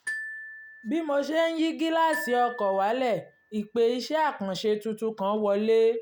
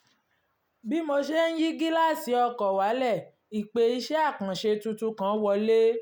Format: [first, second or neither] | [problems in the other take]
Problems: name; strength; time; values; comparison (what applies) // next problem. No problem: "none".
second | background sound (Glockenspiel); 14 dB below the speech